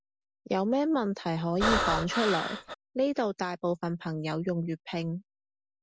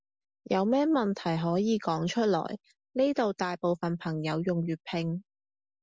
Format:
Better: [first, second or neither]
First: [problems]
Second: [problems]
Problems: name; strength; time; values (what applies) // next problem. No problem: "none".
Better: second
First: background sound (Breathing); 1 dB above the speech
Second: none